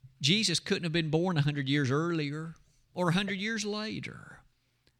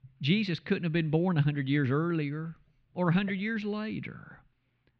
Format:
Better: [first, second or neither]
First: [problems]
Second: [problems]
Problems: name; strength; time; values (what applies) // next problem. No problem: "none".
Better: first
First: none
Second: muffled; very; fading above 3 kHz